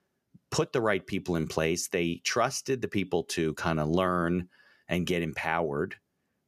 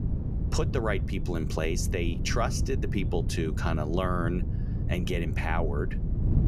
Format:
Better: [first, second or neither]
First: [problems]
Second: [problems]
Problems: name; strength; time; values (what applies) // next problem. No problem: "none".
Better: first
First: none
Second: wind noise on the microphone; occasional gusts; 10 dB below the speech